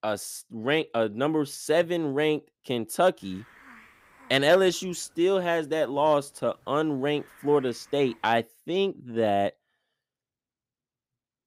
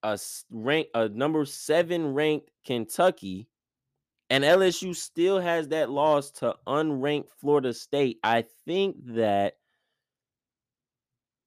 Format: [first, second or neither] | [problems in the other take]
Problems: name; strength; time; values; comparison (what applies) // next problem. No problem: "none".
second | hiss; faint; from 3 to 8.5 s; 30 dB below the speech